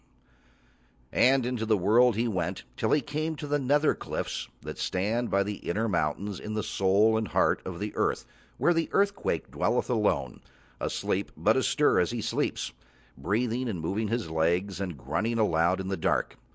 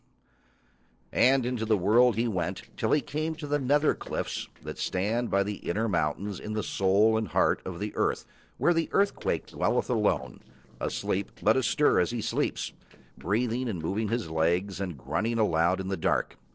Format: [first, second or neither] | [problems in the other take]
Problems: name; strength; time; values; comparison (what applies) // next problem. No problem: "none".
first | noise reduction (neural separator model SepFormer DNS4)